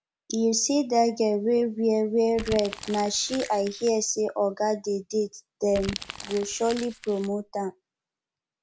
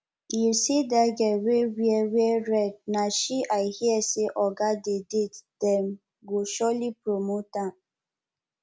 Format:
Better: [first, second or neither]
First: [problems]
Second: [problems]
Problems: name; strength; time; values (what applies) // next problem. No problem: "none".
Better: second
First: background sound (Crumpling, crinkling); 13 dB below the speech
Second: none